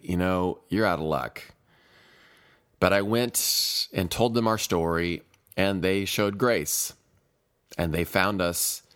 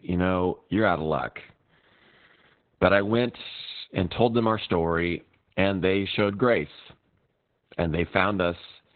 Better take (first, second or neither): first